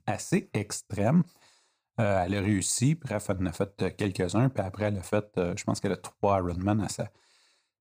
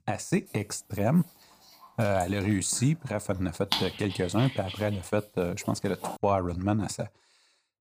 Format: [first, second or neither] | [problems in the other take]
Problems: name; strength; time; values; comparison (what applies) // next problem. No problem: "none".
first | dog barking; noticeable; from 2 to 6 s; peak level with the speech